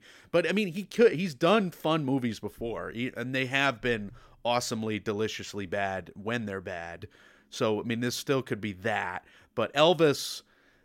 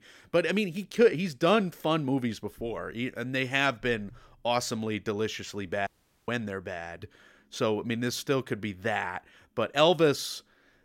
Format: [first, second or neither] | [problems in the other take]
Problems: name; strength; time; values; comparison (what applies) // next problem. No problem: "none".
first | audio cutting out; at 6 s